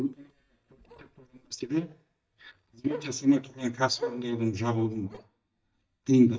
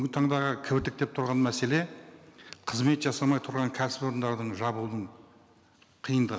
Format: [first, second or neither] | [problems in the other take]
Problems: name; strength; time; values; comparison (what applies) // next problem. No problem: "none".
second | noise reduction (neural mask model DeepFilterNet 3)